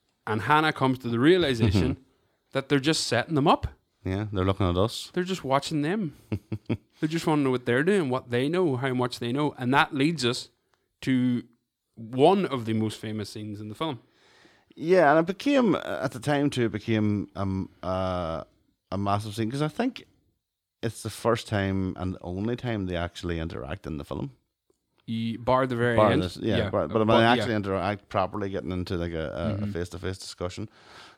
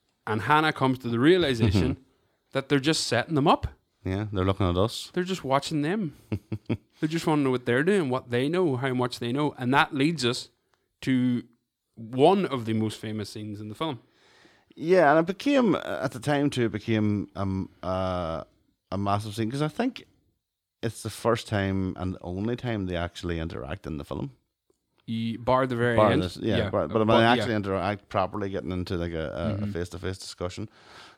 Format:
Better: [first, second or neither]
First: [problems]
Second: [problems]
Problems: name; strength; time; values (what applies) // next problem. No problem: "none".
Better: neither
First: none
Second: none